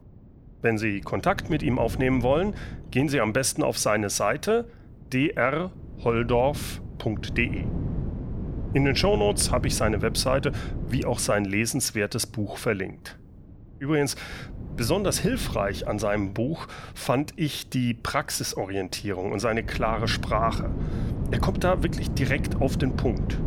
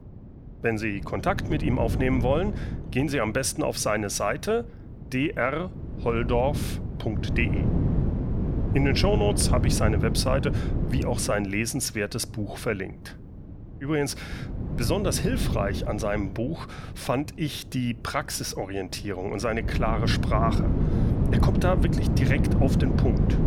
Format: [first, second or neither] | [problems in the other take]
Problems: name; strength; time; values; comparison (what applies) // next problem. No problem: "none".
first | wind noise on the microphone; heavy; 7 dB below the speech; occasional gusts in the first